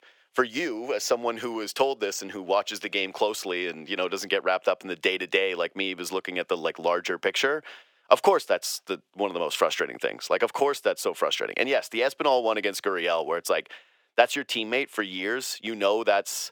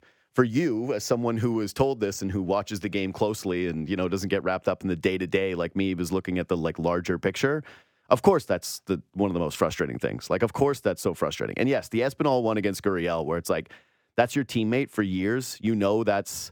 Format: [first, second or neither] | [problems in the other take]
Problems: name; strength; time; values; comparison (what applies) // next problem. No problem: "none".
second | thin; somewhat; fading below 550 Hz